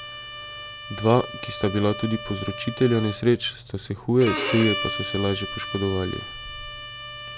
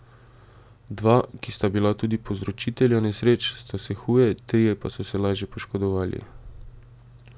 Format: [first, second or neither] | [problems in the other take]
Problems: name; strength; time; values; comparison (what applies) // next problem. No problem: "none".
second | background sound (Bowed string instrument); 8 dB below the speech